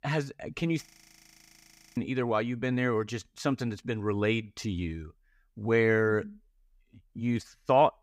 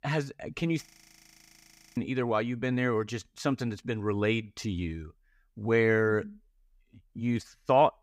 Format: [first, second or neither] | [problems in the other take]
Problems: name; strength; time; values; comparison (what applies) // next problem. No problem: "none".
neither | audio freezing; at 1 s for 1 s; the same in both